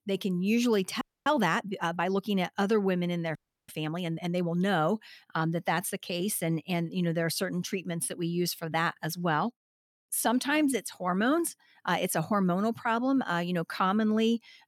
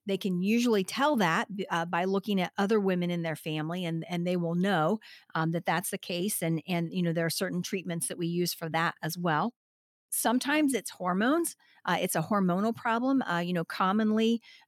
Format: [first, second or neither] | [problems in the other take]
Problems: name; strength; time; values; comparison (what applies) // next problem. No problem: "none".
second | audio freezing; at 1 s and at 3.5 s